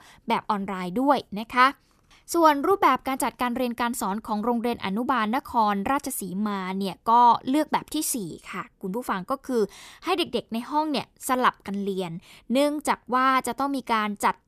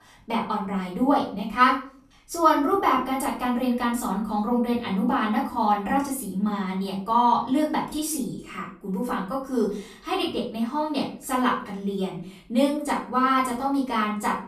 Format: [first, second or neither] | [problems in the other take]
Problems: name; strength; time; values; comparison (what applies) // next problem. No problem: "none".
first | off-mic speech; far // room echo; slight; dies away in 0.4 s